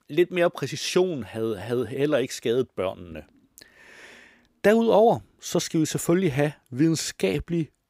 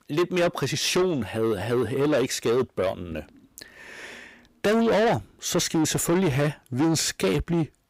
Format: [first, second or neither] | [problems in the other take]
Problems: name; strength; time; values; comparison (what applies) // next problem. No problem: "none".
first | distortion; heavy; 7 dB below the speech